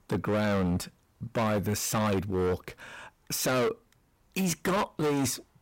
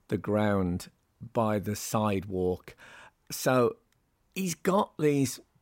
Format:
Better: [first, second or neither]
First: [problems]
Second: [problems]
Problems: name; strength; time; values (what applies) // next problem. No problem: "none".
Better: second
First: distortion; heavy; 18% of the sound clipped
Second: none